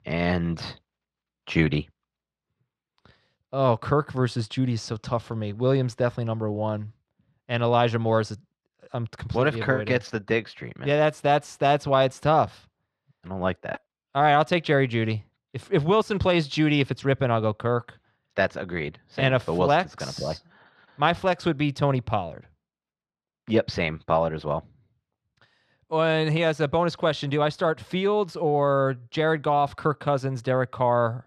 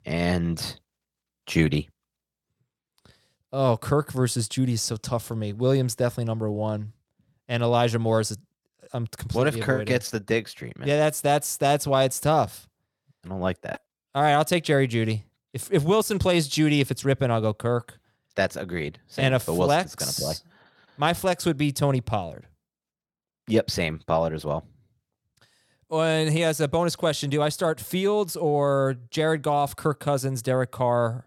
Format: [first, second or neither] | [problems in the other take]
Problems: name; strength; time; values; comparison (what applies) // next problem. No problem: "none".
second | muffled; slightly; fading above 3.5 kHz